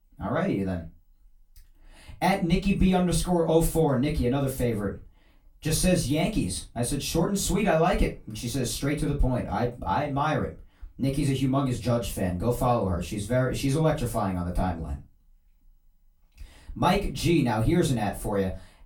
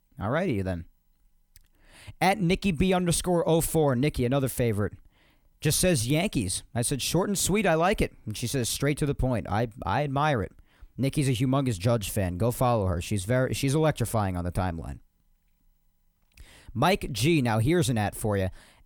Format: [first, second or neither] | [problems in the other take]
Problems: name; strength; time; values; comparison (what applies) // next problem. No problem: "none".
second | off-mic speech; far // room echo; very slight; dies away in 0.2 s